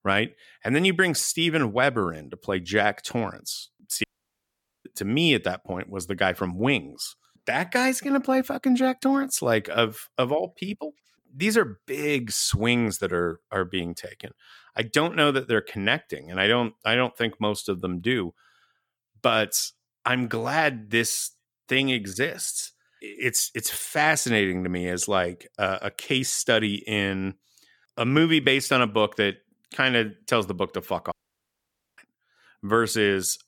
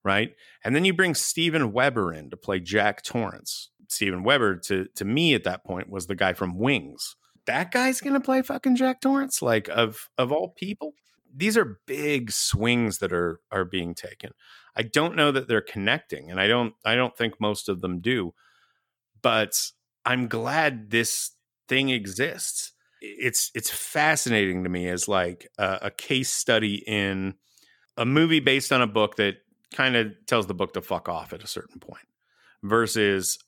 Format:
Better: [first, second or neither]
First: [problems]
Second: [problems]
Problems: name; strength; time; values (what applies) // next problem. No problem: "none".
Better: second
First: audio cutting out; at 4 s for 1 s and at 31 s for 1 s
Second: none